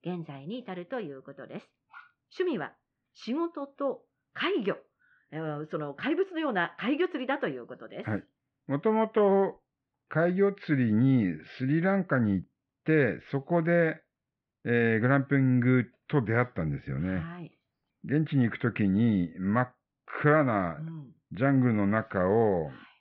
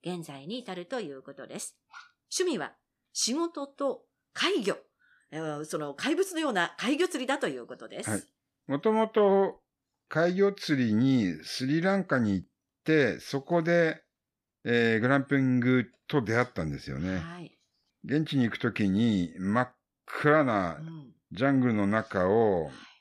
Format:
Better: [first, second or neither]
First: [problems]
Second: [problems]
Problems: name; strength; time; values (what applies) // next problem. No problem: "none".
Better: second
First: muffled; very; fading above 3 kHz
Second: none